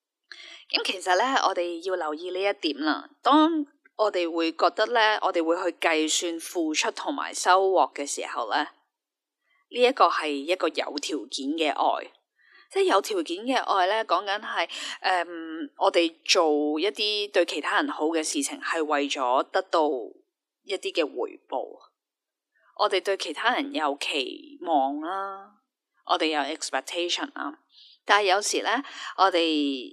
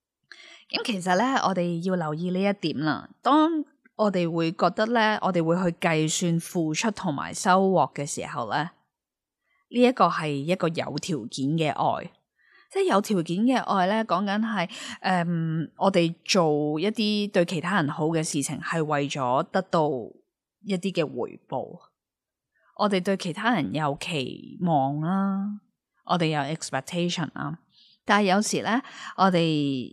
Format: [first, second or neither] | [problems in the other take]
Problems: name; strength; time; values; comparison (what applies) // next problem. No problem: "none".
second | thin; somewhat; fading below 300 Hz